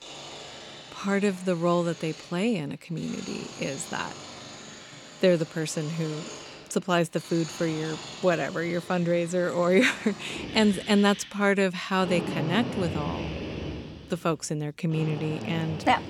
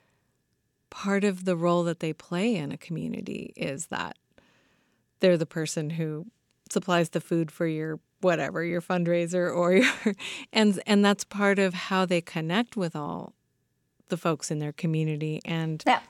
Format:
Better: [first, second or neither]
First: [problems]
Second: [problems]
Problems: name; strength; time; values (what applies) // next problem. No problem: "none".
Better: second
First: machinery noise; noticeable; throughout; 10 dB below the speech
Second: none